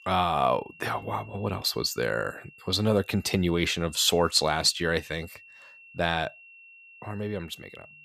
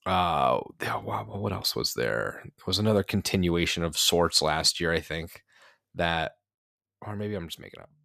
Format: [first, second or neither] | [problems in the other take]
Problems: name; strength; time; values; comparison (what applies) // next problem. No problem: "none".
second | high-pitched whine; faint; throughout; 2.5 kHz, 25 dB below the speech